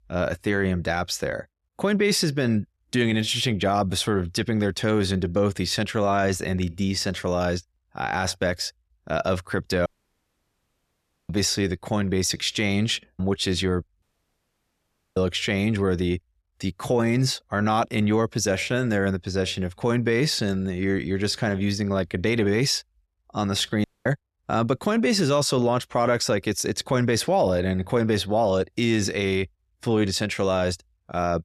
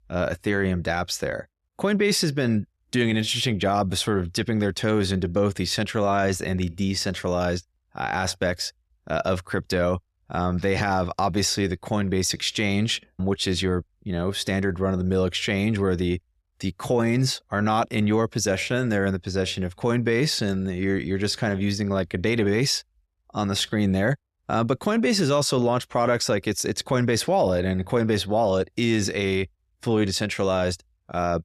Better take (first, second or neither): second